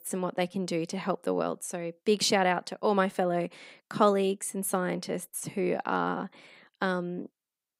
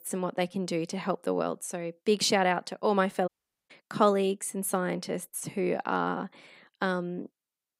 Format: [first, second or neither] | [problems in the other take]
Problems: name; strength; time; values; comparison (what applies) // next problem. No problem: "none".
first | audio cutting out; at 3.5 s